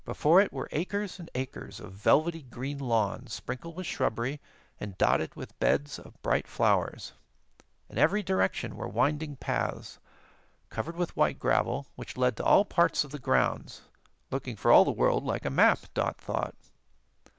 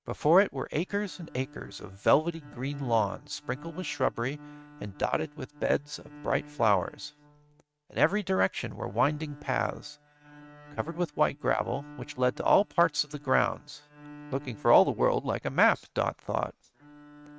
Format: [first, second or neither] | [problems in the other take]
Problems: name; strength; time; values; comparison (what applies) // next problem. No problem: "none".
first | noise reduction (neural mask model RNNoise)